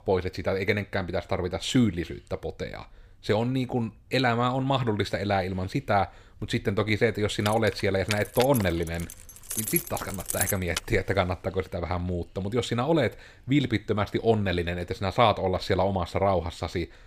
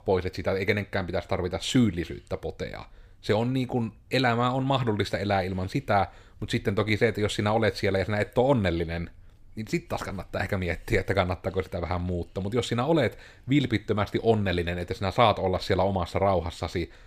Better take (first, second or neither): second